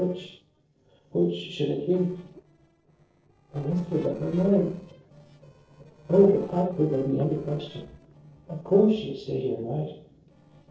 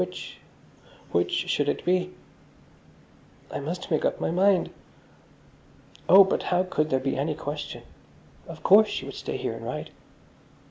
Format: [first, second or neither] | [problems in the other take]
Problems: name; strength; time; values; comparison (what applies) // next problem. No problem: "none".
second | noise reduction (neural separator model SepFormer DNS4)